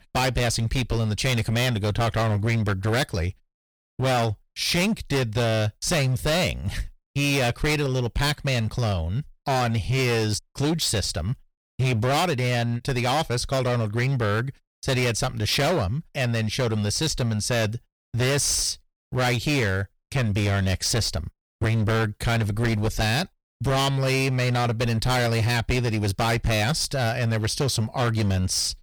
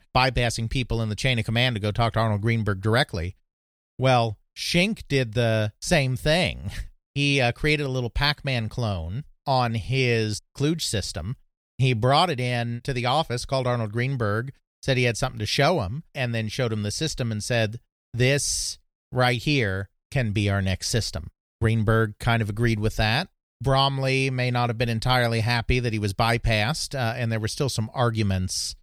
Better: second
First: distortion; heavy; 20% of the sound clipped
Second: none

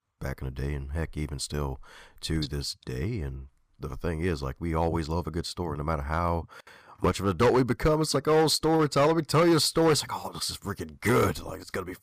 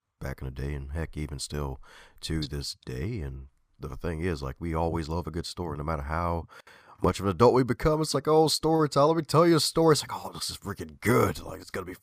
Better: second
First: distortion; slight; 4% of the sound clipped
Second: none

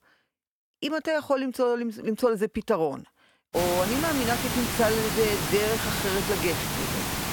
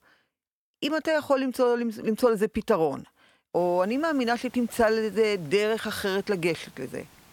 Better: second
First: hiss; loud; from 3.5 s on; 1 dB below the speech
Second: hiss; faint; from 3.5 s on; 25 dB below the speech

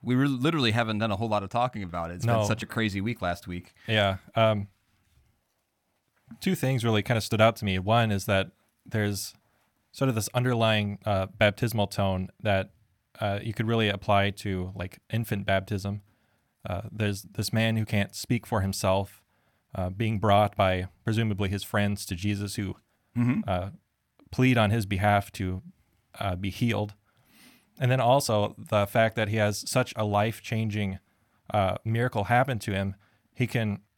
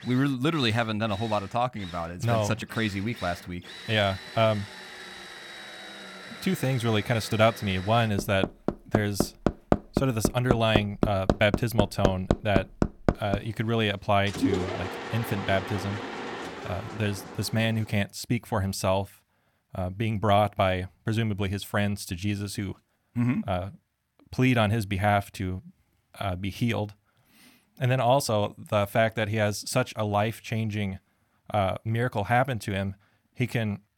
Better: first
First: none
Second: machinery noise; loud; until 18 s; 5 dB below the speech

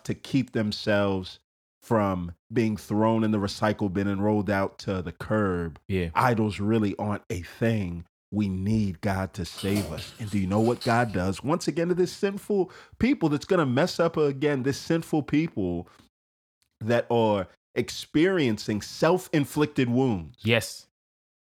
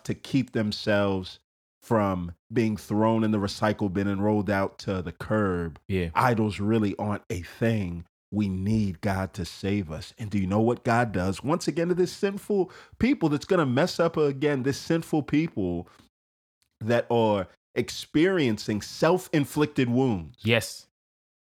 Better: second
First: jangling keys; noticeable; from 9.5 to 11 s; peak 9 dB below the speech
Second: none

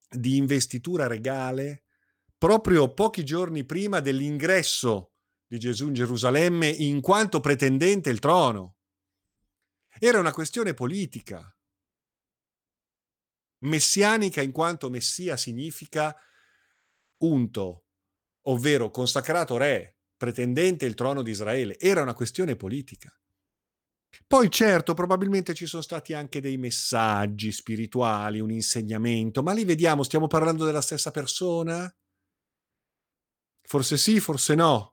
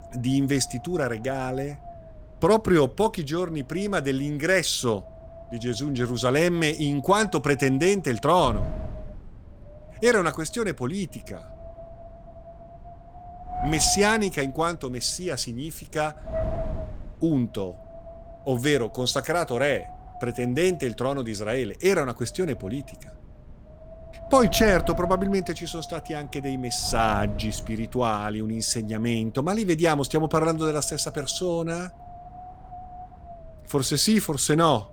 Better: first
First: none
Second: wind noise on the microphone; occasional gusts; 15 dB below the speech

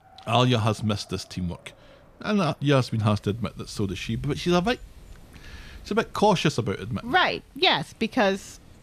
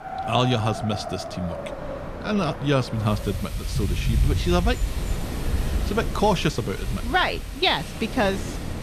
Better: first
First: wind in the background; faint; throughout; 25 dB below the speech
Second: wind in the background; loud; throughout; 5 dB below the speech

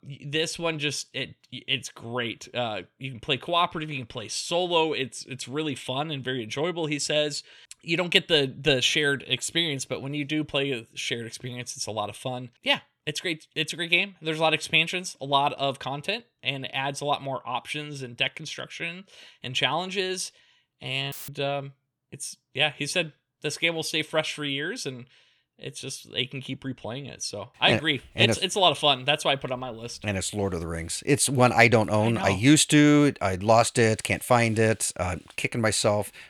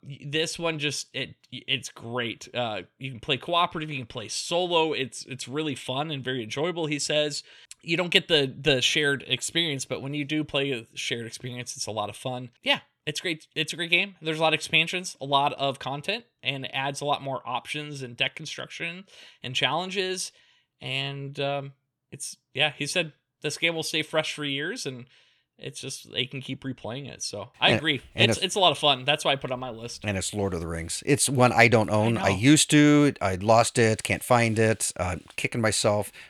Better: second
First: audio cutting out; filled with static; at 21 s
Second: none

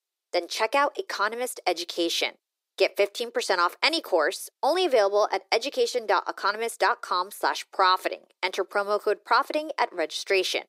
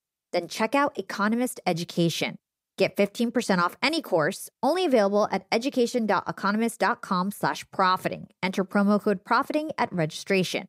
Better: second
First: thin; very; fading below 350 Hz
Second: none

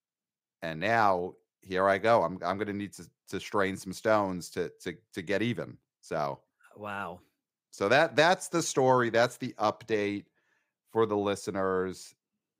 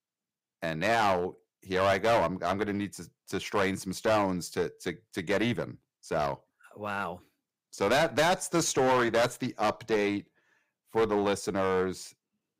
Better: first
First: none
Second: distortion; heavy; 7% of the sound clipped

